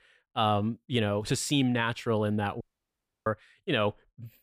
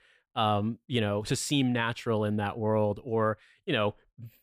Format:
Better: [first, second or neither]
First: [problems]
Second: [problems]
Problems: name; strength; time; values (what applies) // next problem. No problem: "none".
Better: second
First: audio cutting out; at 2.5 s for 0.5 s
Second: none